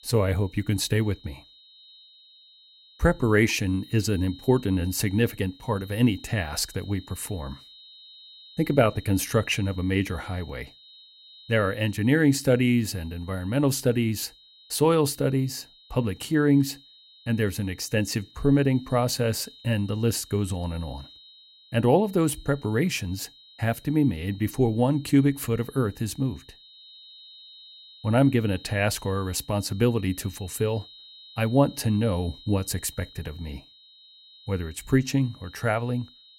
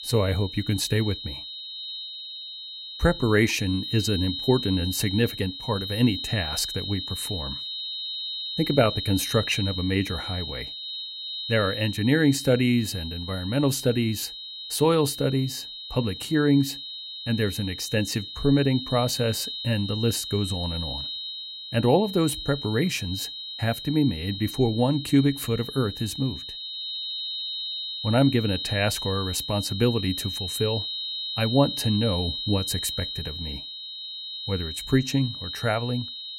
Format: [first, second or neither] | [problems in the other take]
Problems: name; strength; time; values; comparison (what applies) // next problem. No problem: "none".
first | high-pitched whine; loud; throughout; 4 kHz, 7 dB below the speech; faint in the first